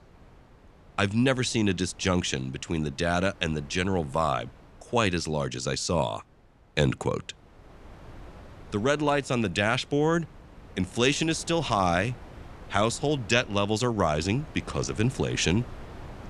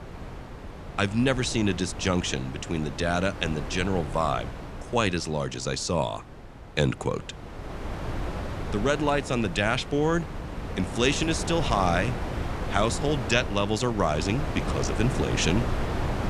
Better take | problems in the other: first | wind noise on the microphone; heavy; 9 dB below the speech; occasional gusts in the first

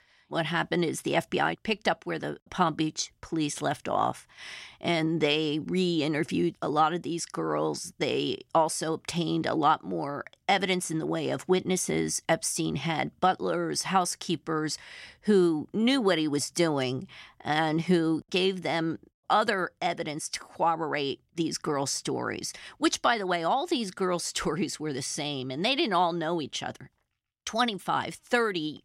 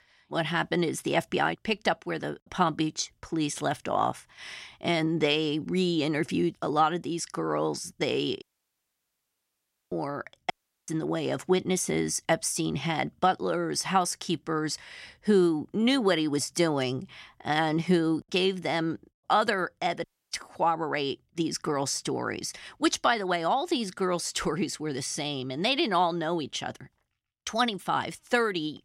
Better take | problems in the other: first | audio cutting out; at 8.5 s for 1.5 s, at 11 s and at 20 s

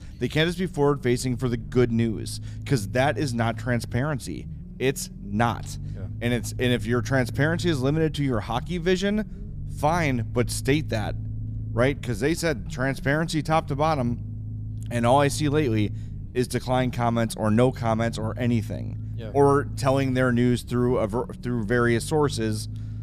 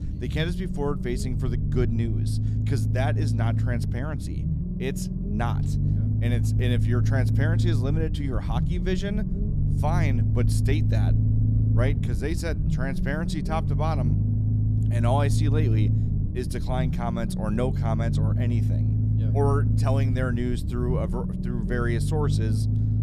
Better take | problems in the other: first | low rumble; loud; throughout; 4 dB below the speech; faint in the first

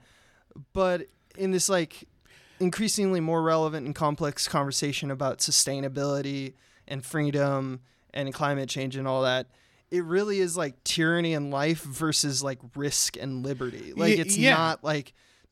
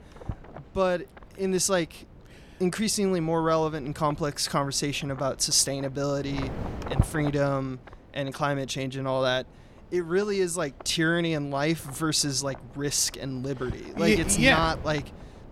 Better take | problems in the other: first | wind noise on the microphone; occasional gusts; 15 dB below the speech

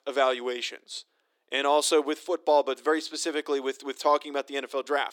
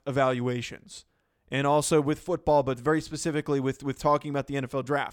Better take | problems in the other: second | thin; somewhat; fading below 300 Hz

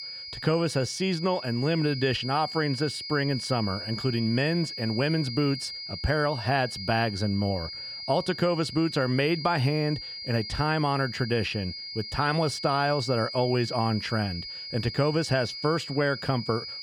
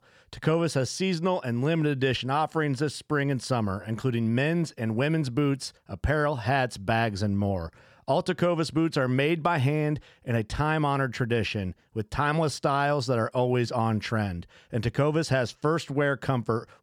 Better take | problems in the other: second | high-pitched whine; loud; throughout; 5 kHz, 8 dB below the speech

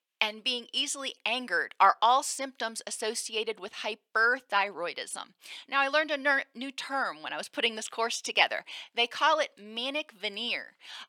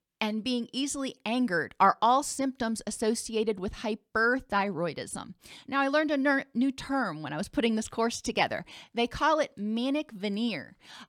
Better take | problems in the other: second | thin; somewhat; fading below 550 Hz

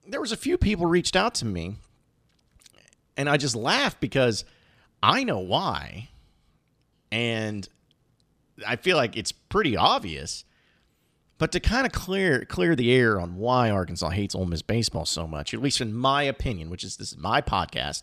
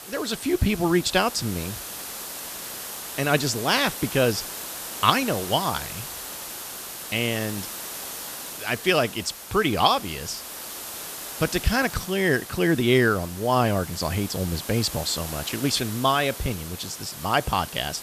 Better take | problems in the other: first | hiss; loud; throughout; 10 dB below the speech

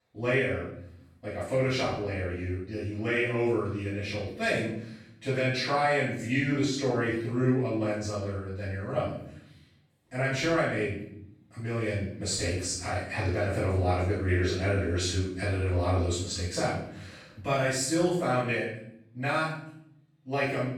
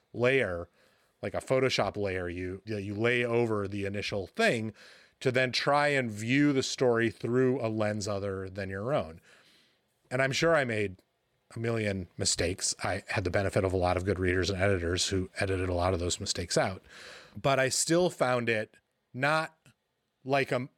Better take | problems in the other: second | off-mic speech; far // room echo; noticeable; dies away in 0.7 s

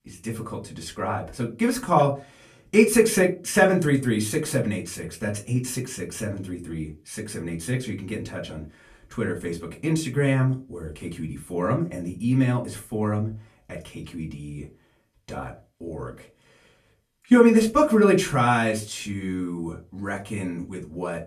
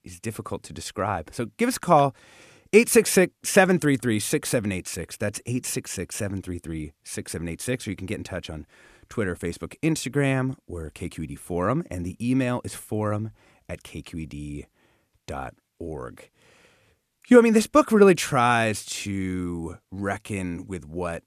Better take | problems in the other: second | off-mic speech; far // room echo; very slight; dies away in 0.2 s

